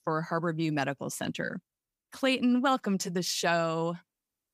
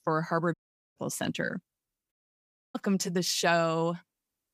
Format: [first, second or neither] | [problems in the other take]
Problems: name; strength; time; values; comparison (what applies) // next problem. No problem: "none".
first | audio cutting out; at 0.5 s and at 2 s for 0.5 s